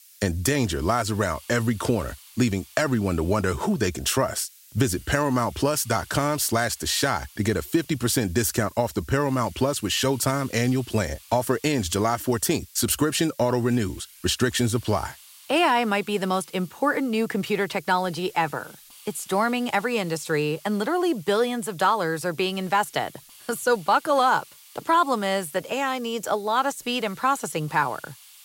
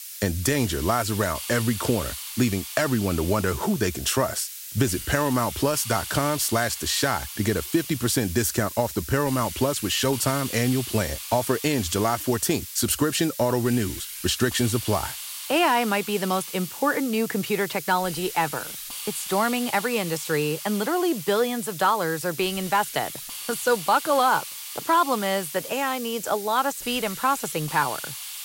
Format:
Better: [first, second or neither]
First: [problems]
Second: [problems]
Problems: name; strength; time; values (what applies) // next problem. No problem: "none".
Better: first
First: hiss; faint; throughout; 20 dB below the speech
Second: hiss; loud; throughout; 9 dB below the speech